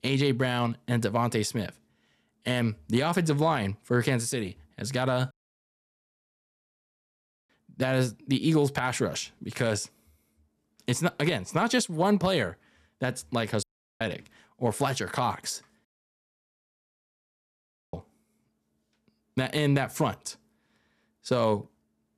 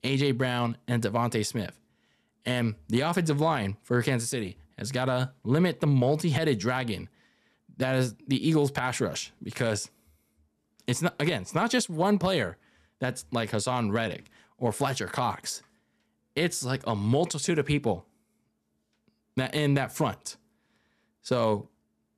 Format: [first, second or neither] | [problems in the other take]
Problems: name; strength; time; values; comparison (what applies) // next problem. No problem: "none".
second | audio cutting out; at 5.5 s for 2 s, at 14 s and at 16 s for 2 s